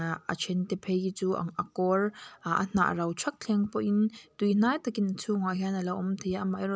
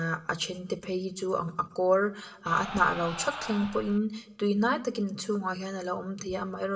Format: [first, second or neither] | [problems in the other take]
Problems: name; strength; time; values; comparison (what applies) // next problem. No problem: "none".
first | background sound (Crowd); 9 dB below the speech // room echo; dies away in 0.6 s